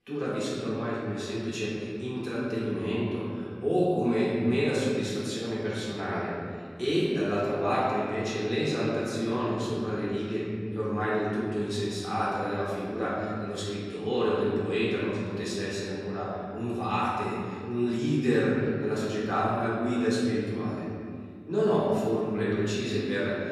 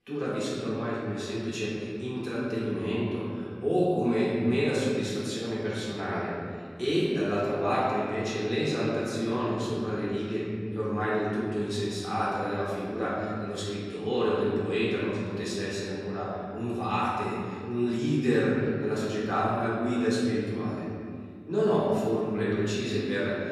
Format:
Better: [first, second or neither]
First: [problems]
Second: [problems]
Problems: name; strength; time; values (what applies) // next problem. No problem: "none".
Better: neither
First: room echo; strong; dies away in 2.3 s // off-mic speech; far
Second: room echo; strong; dies away in 2.3 s // off-mic speech; far